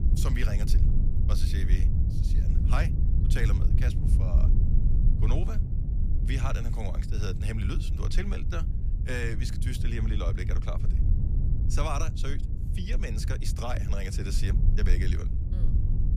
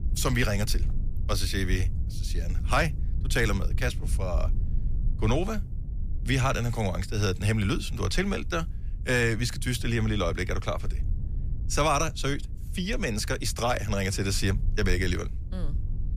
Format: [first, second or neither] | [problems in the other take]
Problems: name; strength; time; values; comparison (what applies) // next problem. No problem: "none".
second | low rumble; loud; throughout; 6 dB below the speech; faint in the second